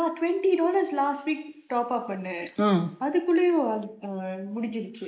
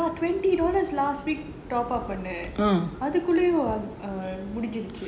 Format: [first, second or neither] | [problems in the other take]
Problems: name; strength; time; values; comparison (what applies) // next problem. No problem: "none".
second | noise reduction (neural mask model Resemble Enhance denoiser)